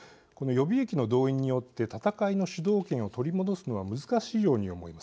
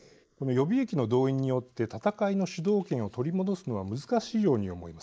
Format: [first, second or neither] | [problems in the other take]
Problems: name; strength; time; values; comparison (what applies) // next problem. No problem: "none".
first | noise reduction (neural mask model Resemble Enhance denoiser)